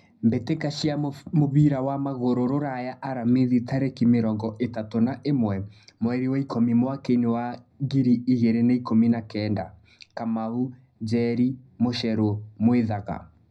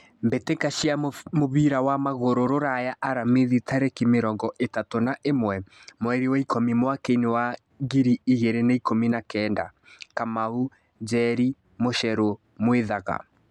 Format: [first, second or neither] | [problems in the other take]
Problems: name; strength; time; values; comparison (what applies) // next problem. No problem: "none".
second | room echo; dies away in 0.4 s